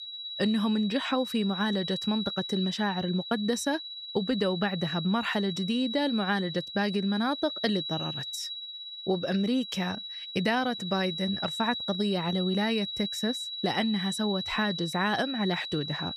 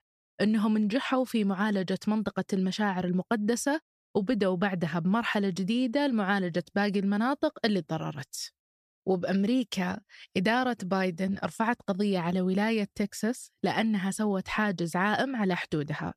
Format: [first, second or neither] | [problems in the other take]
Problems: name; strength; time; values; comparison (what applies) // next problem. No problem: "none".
second | high-pitched whine; loud; throughout; 4 kHz, 5 dB below the speech